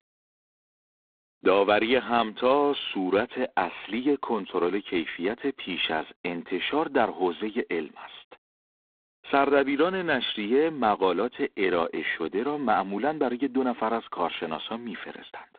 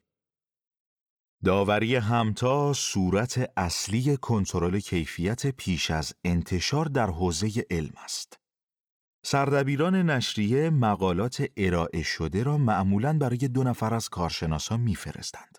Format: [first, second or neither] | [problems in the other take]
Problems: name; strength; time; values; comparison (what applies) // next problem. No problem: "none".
second | phone-call audio; poor line